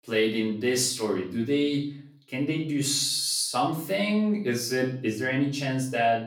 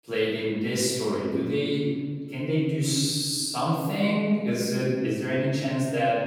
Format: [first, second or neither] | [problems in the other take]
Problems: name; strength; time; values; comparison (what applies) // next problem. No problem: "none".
first | room echo; strong; dies away in 1.8 s; slight in the first // off-mic speech; far; far in the first